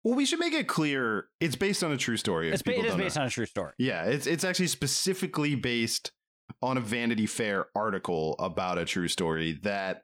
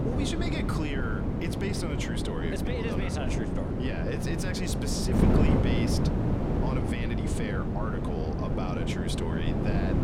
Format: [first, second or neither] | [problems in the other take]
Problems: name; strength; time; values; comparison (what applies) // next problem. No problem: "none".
first | wind noise on the microphone; heavy; 1 dB above the speech